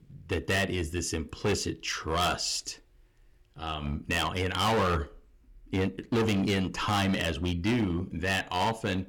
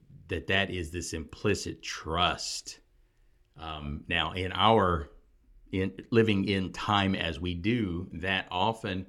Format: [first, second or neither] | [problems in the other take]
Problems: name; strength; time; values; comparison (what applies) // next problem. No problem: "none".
second | distortion; heavy; 10% of the sound clipped